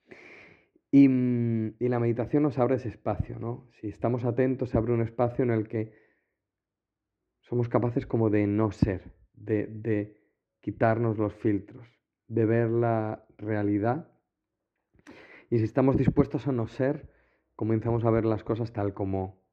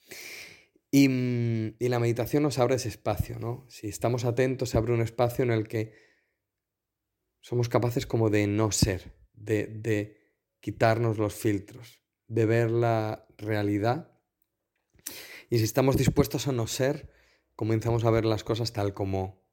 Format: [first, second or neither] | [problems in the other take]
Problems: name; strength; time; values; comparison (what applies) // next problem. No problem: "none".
second | muffled; very; fading above 1.5 kHz